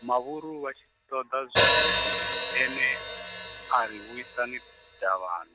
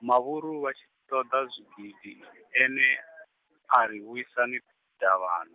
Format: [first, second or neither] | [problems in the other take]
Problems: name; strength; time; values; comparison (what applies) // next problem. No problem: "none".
second | background sound (Hi-hat); 1 dB above the speech